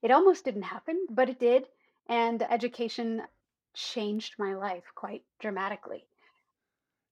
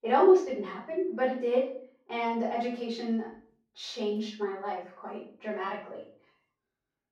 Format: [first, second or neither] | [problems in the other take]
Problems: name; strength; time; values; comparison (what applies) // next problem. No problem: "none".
first | off-mic speech; far // room echo; noticeable; dies away in 0.5 s